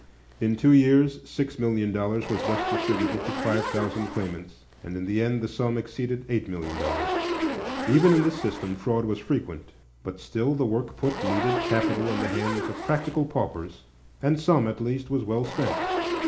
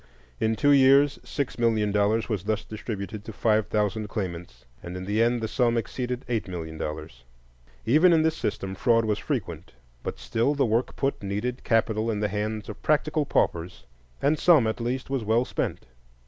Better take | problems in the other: second | background sound (Zipper (clothing)); 6 dB below the speech // room echo; dies away in 0.4 s

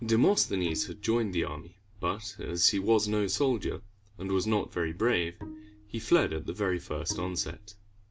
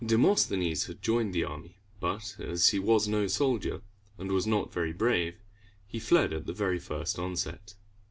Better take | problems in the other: second | background sound (Bowed string instrument); 17 dB below the speech

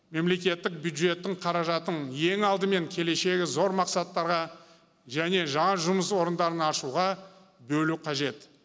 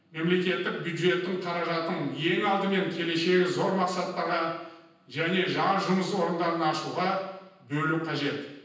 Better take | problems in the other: first | room echo; dies away in 0.9 s

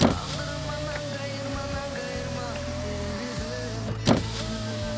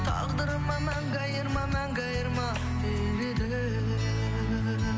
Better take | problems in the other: second | background sound (Squeak); 2 dB above the speech

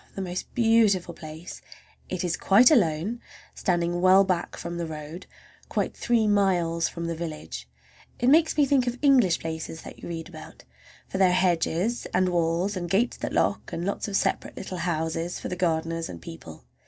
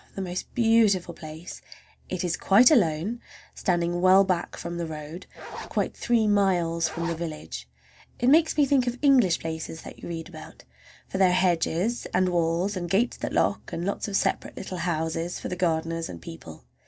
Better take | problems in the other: first | background sound (Zipper (clothing)); 12 dB below the speech

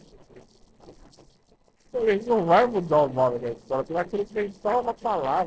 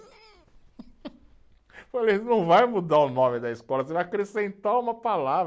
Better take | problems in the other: second | noise reduction (neural separator model SepFormer DNS4)

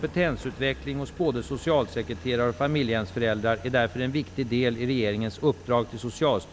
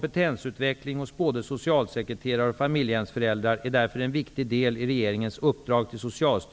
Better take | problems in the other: second | background sound (Engine); 16 dB below the speech

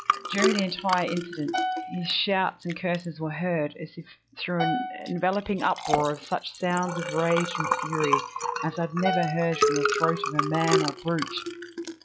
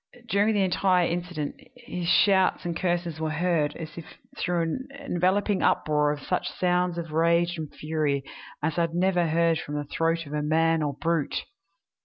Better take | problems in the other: second | noise reduction (classical method log-MMSE)

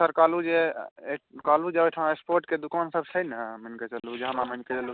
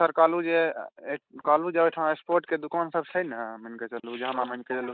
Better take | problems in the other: first | noise reduction (neural mask model Resemble Enhance denoiser)

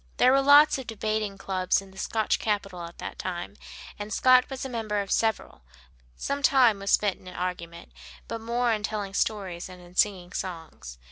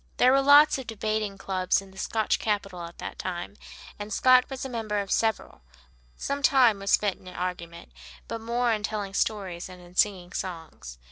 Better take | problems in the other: first | noise reduction (neural separator model SepFormer DNS4)

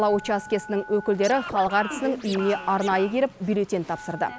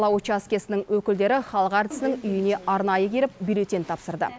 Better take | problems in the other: second | background sound (Telephone + Scratching (performance technique)); 14 dB below the speech

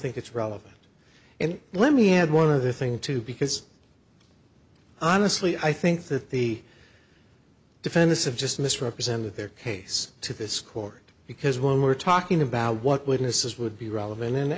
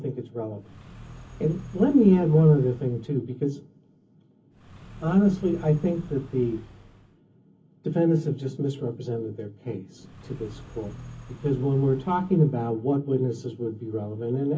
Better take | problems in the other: first | background sound (Car); 18 dB below the speech // room echo; dies away in 0.3 s

